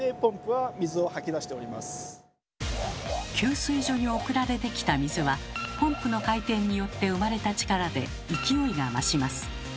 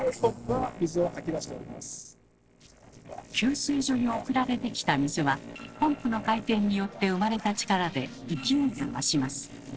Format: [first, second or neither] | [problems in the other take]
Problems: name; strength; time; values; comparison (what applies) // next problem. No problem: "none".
first | noise reduction (neural separator model SepFormer DNS4)